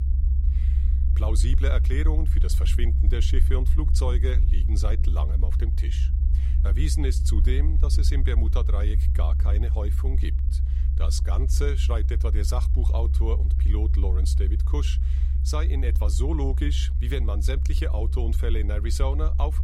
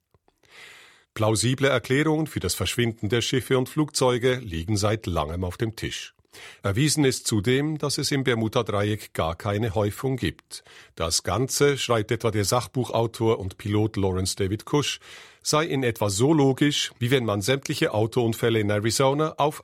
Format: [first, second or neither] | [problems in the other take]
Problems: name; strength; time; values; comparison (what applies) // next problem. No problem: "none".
second | low rumble; loud; throughout; 7 dB below the speech